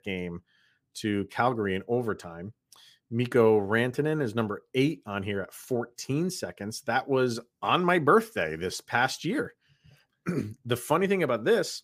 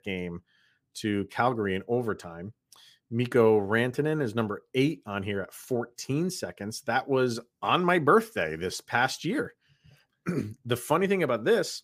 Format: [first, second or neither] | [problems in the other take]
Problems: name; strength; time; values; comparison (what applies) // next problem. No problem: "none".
neither | none